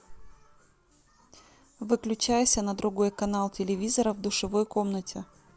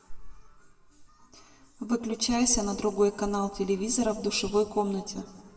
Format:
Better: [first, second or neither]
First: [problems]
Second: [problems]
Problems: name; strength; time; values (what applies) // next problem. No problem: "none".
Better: first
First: none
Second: room echo; dies away in 1.2 s